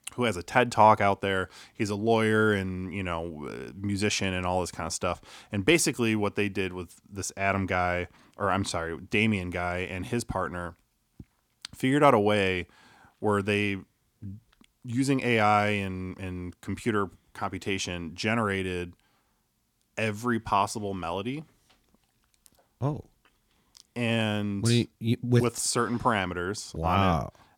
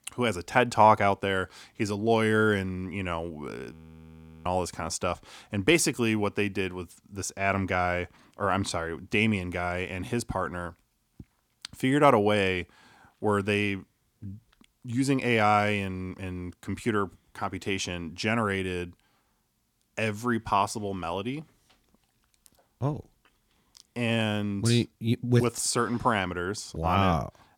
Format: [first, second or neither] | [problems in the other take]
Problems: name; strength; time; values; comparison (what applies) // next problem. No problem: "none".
first | audio freezing; at 3.5 s for 0.5 s